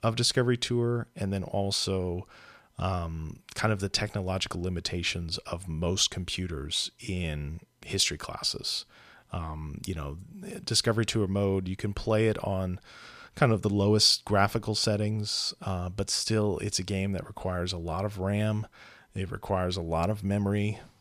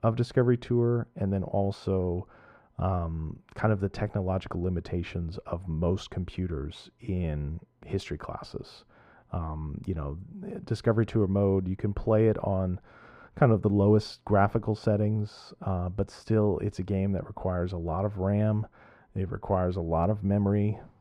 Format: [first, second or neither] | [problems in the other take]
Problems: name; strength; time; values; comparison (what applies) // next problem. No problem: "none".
first | muffled; very; fading above 2.5 kHz